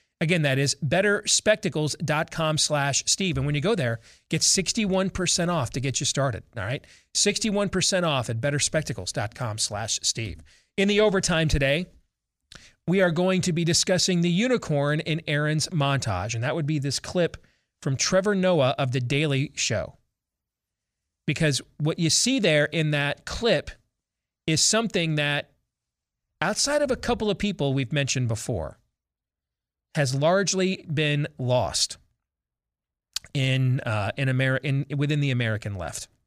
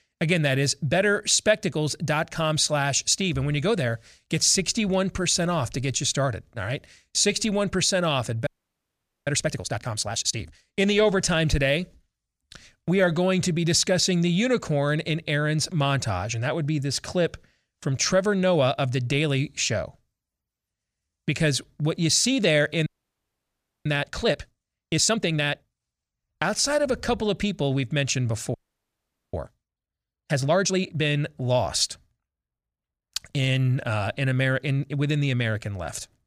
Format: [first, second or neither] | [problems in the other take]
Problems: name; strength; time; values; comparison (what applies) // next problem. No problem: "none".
first | audio freezing; at 8.5 s for 1 s, at 23 s for 1 s and at 29 s for 1 s